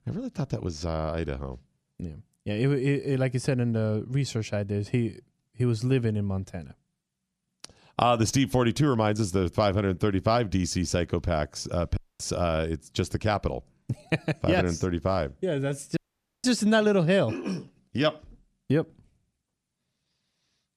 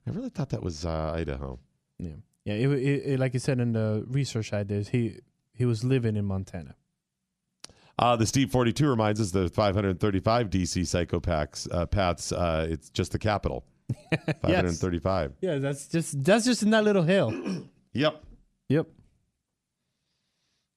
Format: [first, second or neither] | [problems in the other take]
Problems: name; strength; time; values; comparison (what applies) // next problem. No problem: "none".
second | audio cutting out; at 12 s and at 16 s